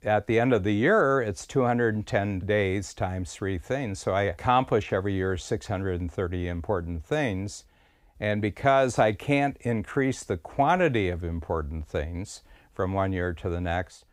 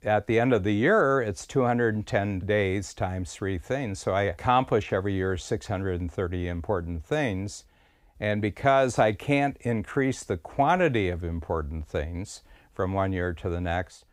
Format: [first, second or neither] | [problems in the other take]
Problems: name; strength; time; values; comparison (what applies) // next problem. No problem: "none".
neither | none